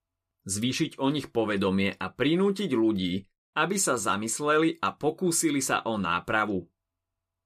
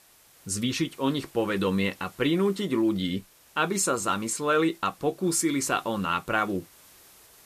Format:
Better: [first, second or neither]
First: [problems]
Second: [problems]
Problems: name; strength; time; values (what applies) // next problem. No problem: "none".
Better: first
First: none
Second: hiss; faint; throughout; 25 dB below the speech